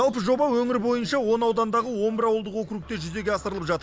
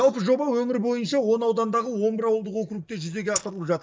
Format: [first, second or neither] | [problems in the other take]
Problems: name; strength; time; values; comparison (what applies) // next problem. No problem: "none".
first | noise reduction (neural mask model DeepFilterNet 3)